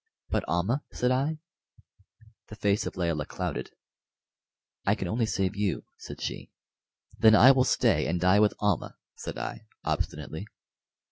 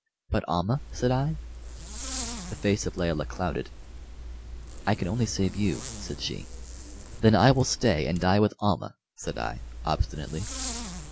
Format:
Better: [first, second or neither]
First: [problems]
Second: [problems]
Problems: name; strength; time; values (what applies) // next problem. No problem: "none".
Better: first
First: none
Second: background sound (Zipper (clothing)); 11 dB below the speech